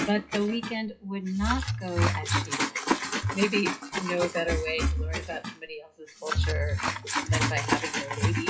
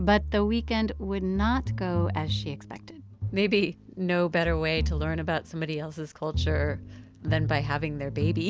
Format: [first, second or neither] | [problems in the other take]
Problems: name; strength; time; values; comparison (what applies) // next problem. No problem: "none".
second | noise reduction (classical method WPE with log-MMSE)